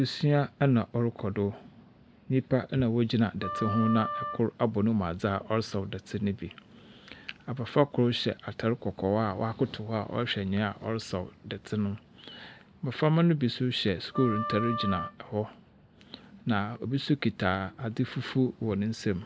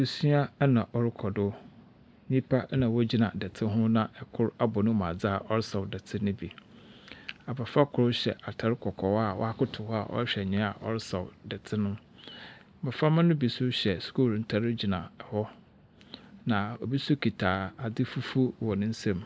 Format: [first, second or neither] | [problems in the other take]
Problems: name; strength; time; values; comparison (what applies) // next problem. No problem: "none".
second | background sound (Wind instrument, woodwind instrument); 7 dB below the speech